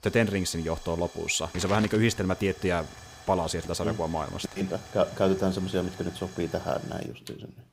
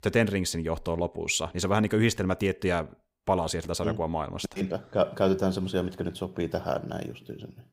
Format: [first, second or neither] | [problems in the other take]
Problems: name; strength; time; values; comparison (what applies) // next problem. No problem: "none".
second | hiss; noticeable; throughout; 15 dB below the speech